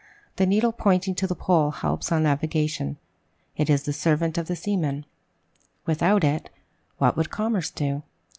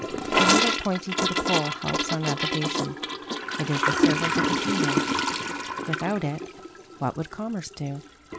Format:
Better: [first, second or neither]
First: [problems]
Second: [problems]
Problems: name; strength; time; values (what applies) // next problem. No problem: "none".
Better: first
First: none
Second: background sound (Toilet flush / Gurgling); 4 dB above the speech